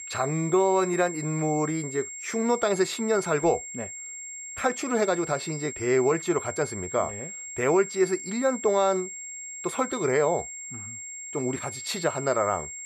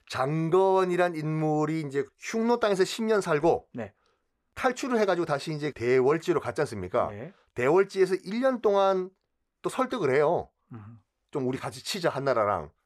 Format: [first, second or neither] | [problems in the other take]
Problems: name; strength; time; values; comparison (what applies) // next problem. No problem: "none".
second | high-pitched whine; loud; throughout; 7.5 kHz, 9 dB below the speech